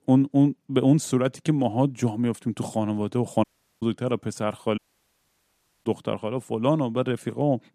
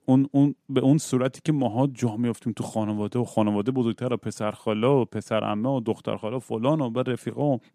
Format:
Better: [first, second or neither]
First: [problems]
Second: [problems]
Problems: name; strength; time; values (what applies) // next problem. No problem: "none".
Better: second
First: audio cutting out; at 3.5 s and at 5 s for 1 s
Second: none